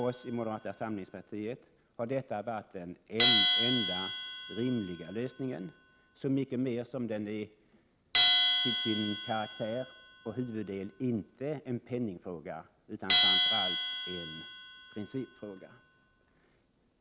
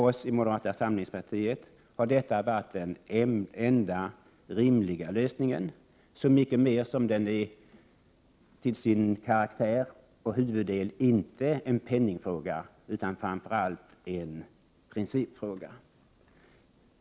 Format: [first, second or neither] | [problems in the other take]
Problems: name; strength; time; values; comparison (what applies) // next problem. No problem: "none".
second | background sound (Bell); 3 dB above the speech